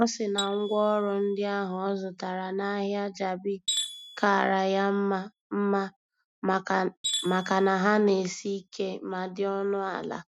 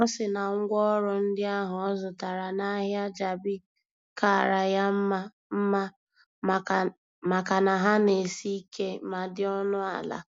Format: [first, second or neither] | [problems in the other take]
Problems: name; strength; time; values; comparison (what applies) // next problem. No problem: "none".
second | noise reduction (neural mask model RNNoise)